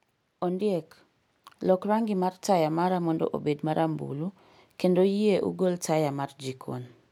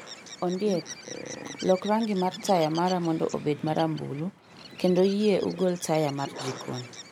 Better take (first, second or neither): first